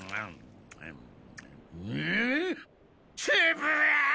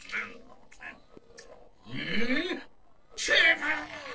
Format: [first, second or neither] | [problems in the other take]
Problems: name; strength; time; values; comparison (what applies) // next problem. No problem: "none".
first | noise reduction (neural separator model SepFormer DNS4)